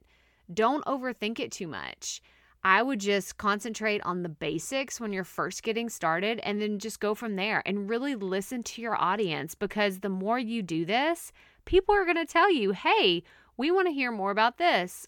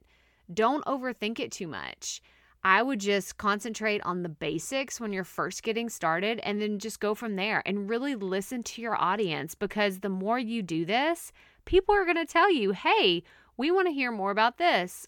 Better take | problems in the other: neither | none

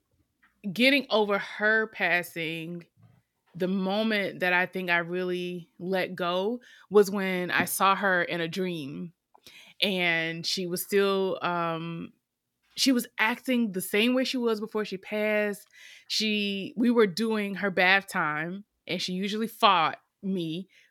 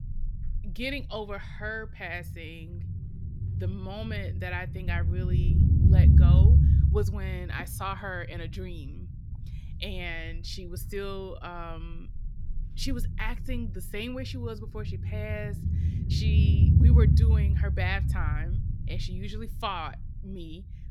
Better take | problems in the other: first | low rumble; loud; throughout; 2 dB below the speech

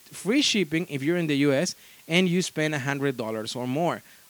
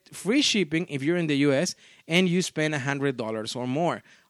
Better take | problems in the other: second | hiss; faint; throughout; 25 dB below the speech

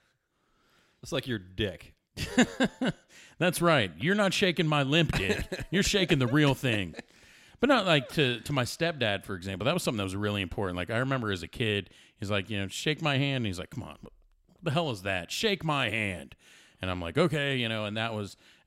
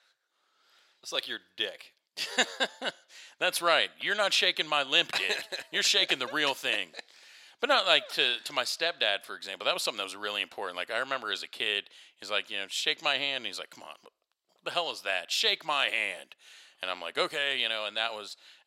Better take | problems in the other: first | thin; very; fading below 700 Hz

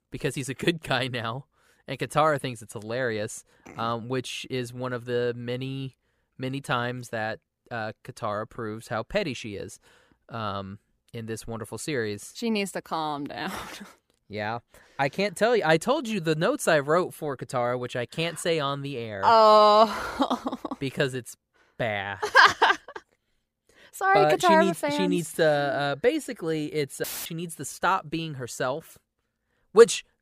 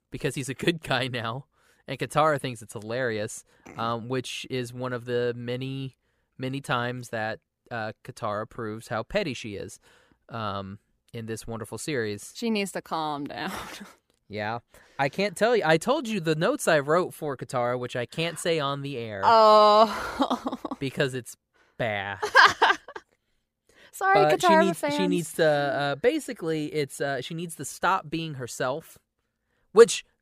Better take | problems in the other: second | audio cutting out; filled with static; at 27 s

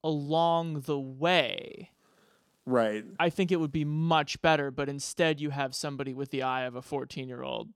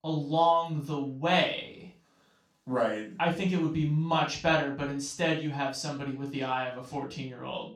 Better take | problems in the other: first | room echo; noticeable; dies away in 0.3 s // off-mic speech; far

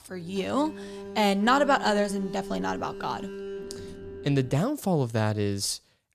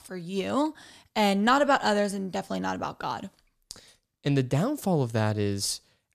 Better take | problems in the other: second | alarm; faint; until 4.5 s; peak 10 dB below the speech

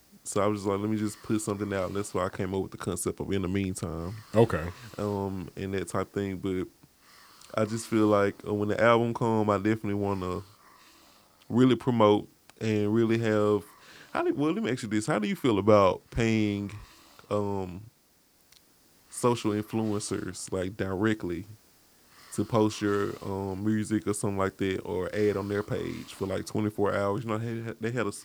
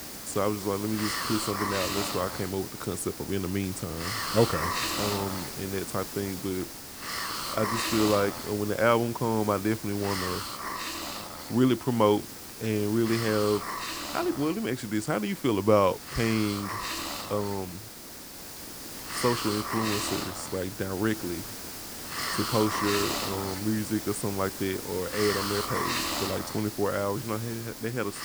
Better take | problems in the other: first | hiss; loud; throughout; 4 dB below the speech; faint in the first

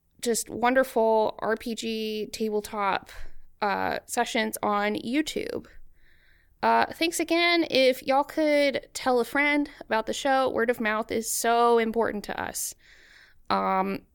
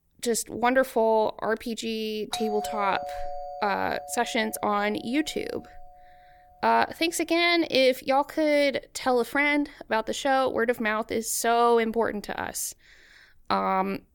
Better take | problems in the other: first | doorbell; noticeable; from 2.5 to 5 s; peak 8 dB below the speech

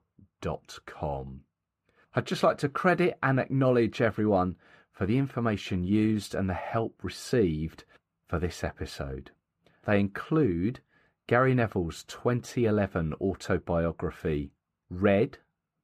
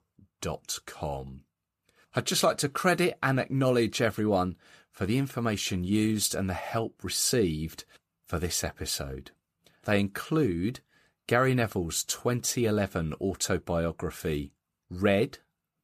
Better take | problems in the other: second | muffled; slightly; fading above 3.5 kHz

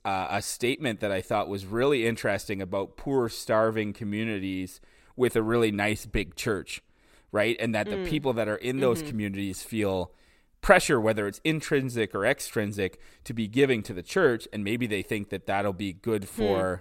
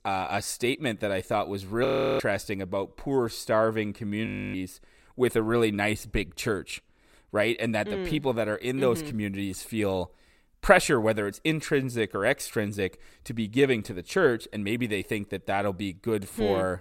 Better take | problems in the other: first | audio freezing; at 2 s and at 4.5 s

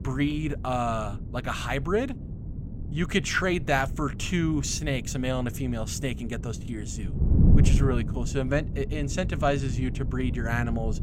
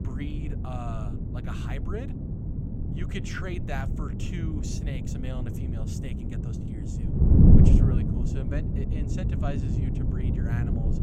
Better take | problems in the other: first | wind noise on the microphone; heavy; 4 dB above the speech; occasional gusts in the first

